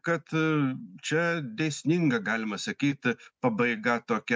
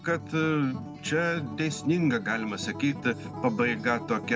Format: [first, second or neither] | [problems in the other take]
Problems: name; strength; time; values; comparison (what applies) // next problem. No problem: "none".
first | background sound (Acoustic guitar); 11 dB below the speech